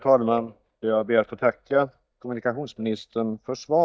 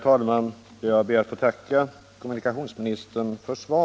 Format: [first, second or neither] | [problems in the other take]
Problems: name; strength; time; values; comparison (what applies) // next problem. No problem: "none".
second | noise reduction (neural mask model DeepFilterNet 3)